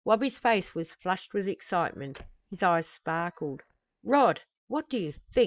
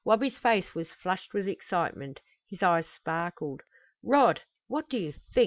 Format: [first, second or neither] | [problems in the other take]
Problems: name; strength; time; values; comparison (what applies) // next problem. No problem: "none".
second | noise reduction (neural mask model DeepFilterNet 3)